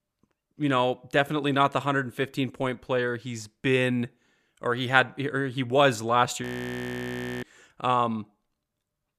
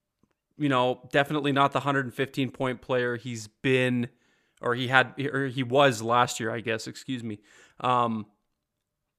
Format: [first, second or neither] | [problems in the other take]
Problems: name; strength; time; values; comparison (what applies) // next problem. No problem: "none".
second | audio freezing; at 6.5 s for 1 s